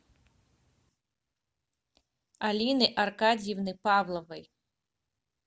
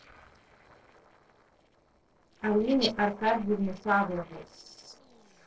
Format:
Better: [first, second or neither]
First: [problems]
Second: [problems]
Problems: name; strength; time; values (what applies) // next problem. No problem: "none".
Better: first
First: none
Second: noise reduction (neural separator model SepFormer DNS4)